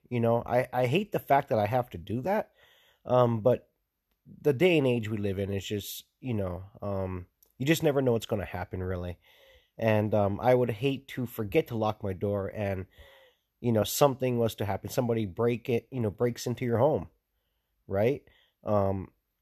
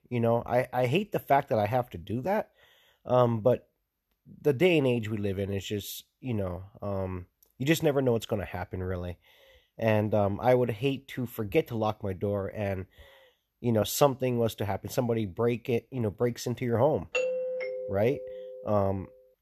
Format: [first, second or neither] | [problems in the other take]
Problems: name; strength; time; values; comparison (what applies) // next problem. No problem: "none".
first | doorbell; noticeable; from 17 to 19 s; peak 1 dB below the speech